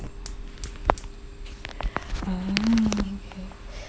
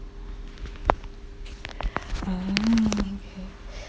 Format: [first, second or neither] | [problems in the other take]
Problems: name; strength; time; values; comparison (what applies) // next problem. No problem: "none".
second | background sound (Fire); 19 dB below the speech